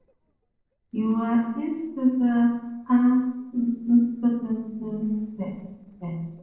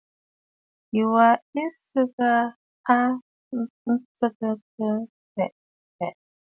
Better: second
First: noise reduction (neural separator model SepFormer DNS4)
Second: none

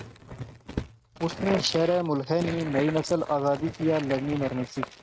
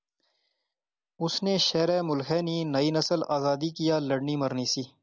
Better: second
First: noise reduction (neural mask model RNNoise)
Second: none

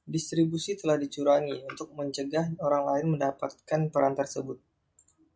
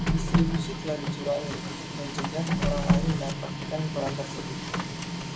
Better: first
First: none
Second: background sound (Printer); 5 dB above the speech // room echo; dies away in 0.4 s

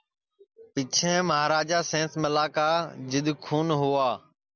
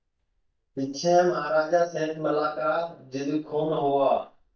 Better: first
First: none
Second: noise reduction (neural mask model DeepFilterNet 3)

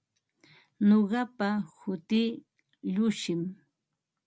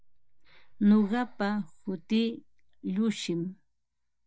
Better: first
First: none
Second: noise reduction (neural mask model DeepFilterNet 3)

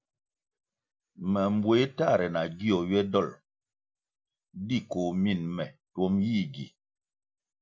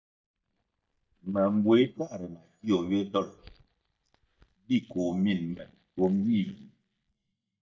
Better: first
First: none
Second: noise reduction (neural mask model DeepFilterNet 3)

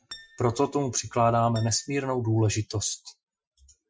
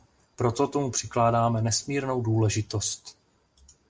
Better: second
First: noise reduction (classical method Wiener filter)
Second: none

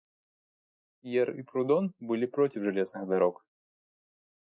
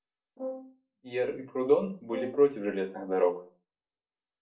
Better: first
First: none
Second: noise reduction (neural separator model SepFormer DNS4)

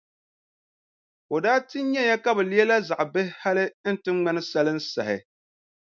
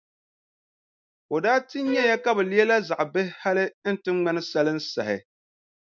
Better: first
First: none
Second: noise reduction (neural mask model DeepFilterNet 3)

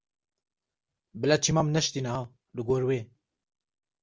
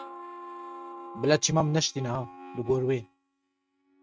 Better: first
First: none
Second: noise reduction (neural mask model RNNoise)

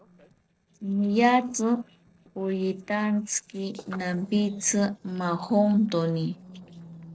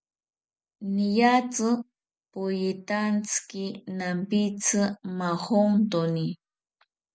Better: second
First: noise reduction (neural separator model SepFormer DNS4)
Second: none

